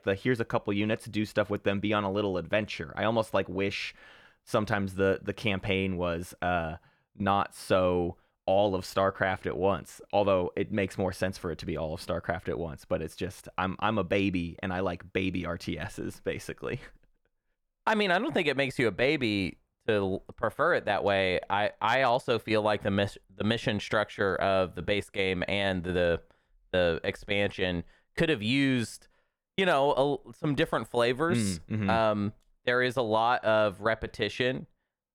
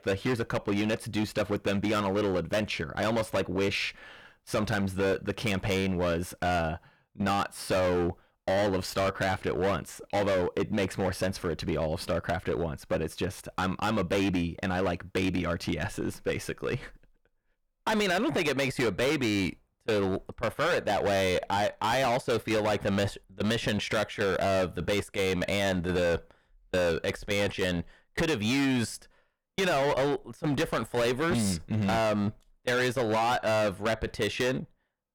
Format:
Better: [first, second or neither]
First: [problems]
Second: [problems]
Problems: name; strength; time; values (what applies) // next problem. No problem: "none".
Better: first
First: none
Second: distortion; heavy; 17% of the sound clipped